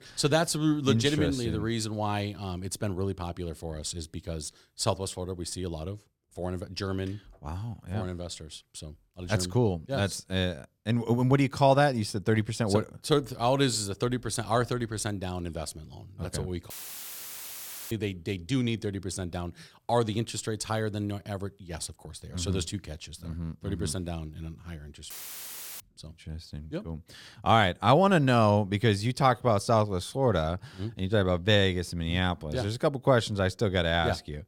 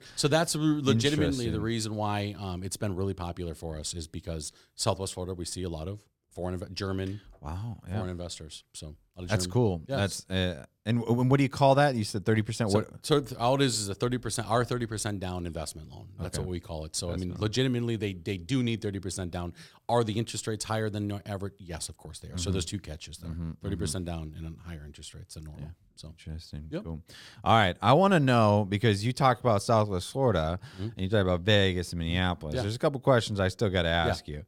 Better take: second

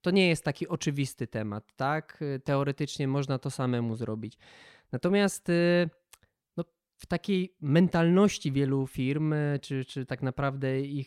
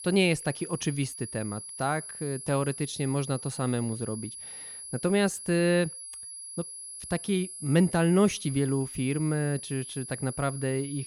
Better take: first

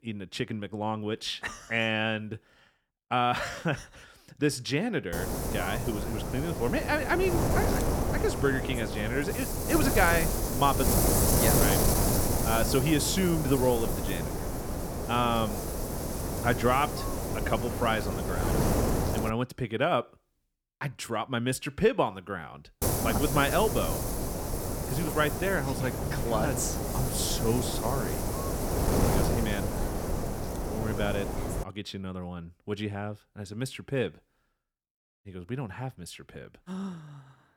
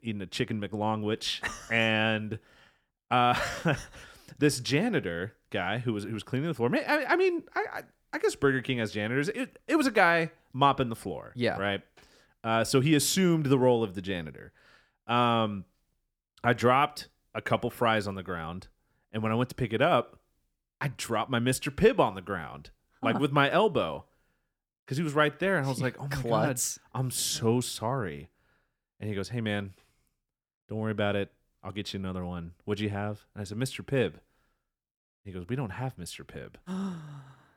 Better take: second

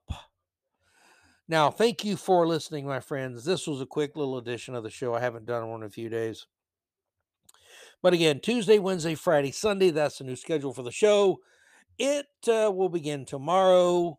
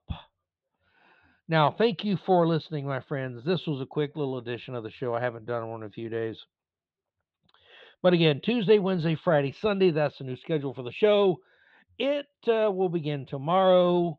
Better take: first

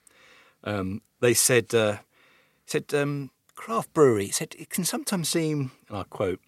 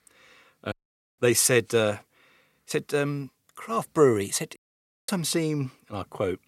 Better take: first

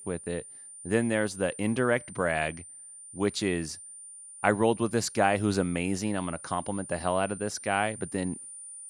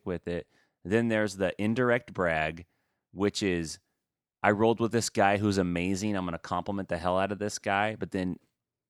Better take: second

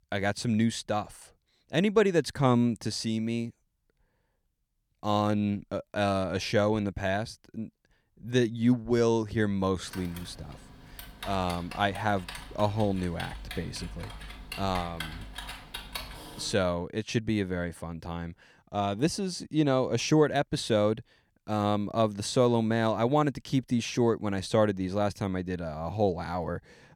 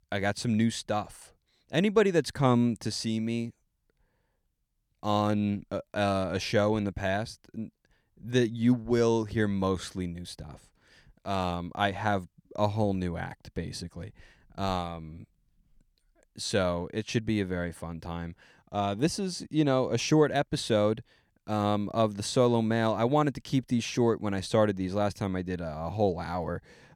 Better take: second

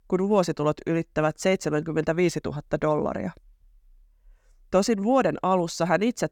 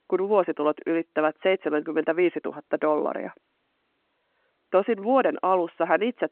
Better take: first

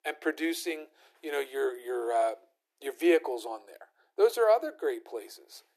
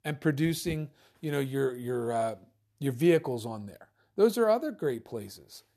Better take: second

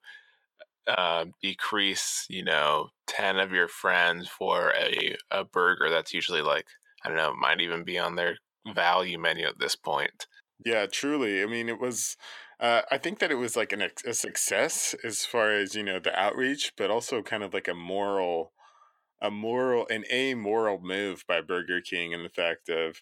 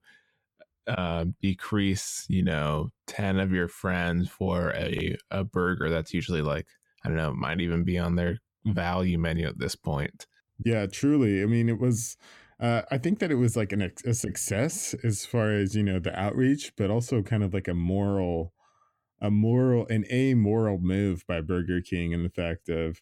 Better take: second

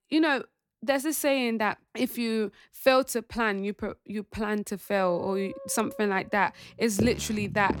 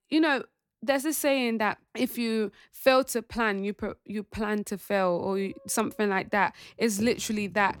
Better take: second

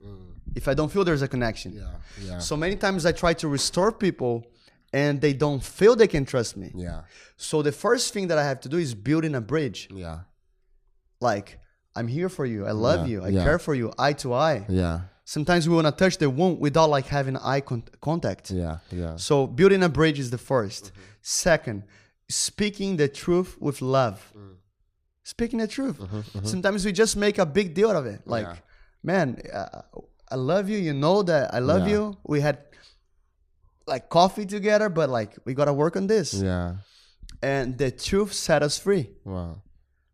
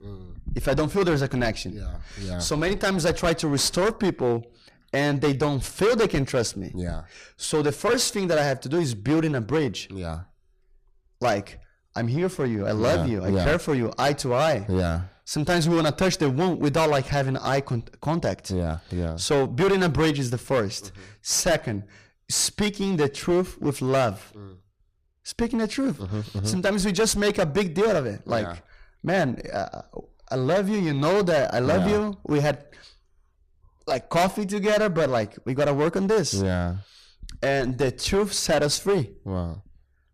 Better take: first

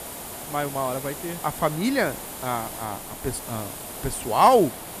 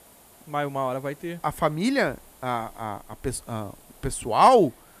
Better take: second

